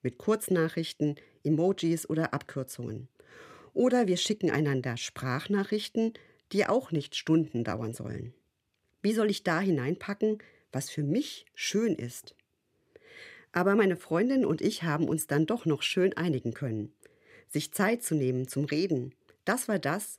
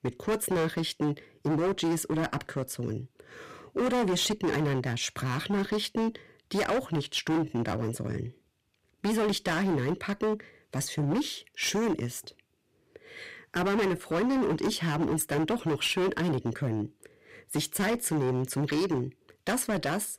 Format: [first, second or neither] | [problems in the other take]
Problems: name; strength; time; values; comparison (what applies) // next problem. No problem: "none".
first | distortion; heavy; 16% of the sound clipped